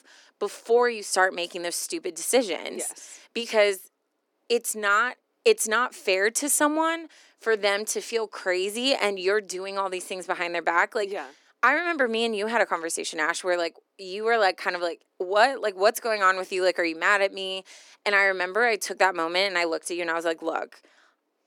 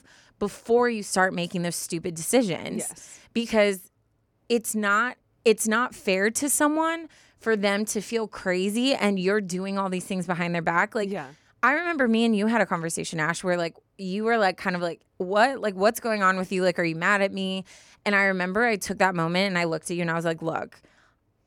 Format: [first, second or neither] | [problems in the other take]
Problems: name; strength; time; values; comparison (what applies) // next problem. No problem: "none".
second | thin; somewhat; fading below 300 Hz